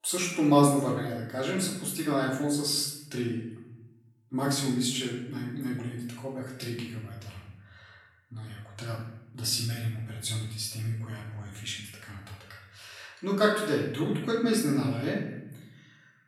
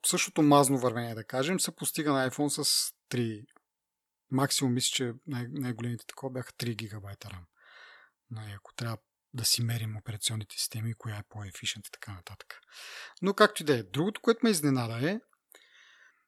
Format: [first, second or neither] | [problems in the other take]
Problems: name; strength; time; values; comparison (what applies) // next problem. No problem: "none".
second | off-mic speech; far // room echo; noticeable; dies away in 0.8 s